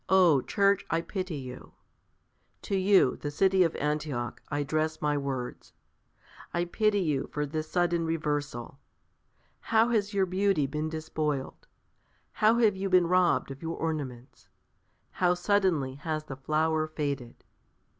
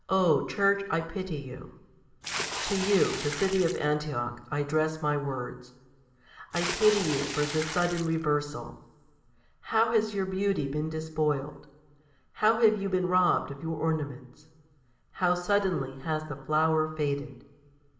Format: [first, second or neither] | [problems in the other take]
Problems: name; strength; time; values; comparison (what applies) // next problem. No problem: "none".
first | background sound (Water / Splash, splatter); 6 dB below the speech // room echo; dies away in 1.7 s